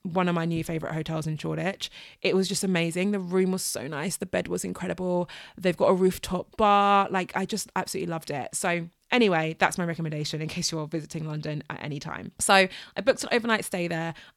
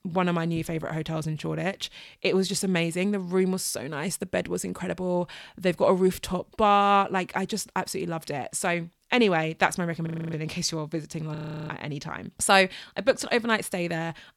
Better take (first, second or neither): first